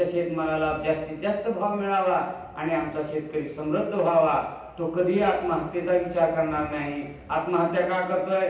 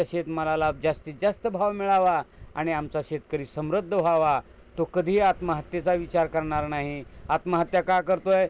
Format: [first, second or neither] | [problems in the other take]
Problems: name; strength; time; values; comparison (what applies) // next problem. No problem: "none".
second | room echo; dies away in 0.9 s